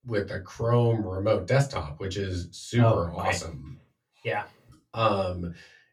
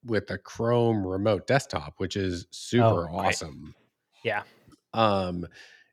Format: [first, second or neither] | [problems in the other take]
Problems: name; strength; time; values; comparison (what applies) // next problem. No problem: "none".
second | off-mic speech; far // room echo; very slight; dies away in 0.2 s